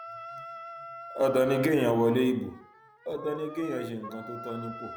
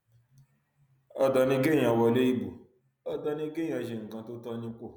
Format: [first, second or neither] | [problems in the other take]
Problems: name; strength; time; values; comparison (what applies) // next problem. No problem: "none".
second | background sound (Wind instrument, woodwind instrument); 14 dB below the speech